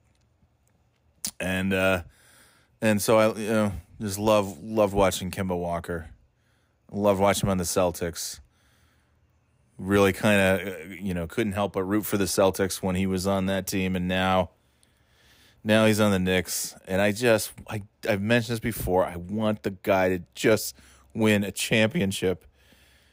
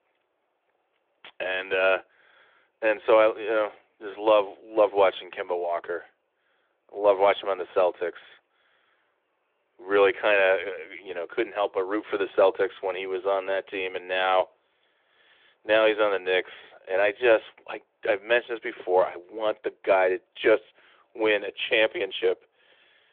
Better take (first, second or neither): first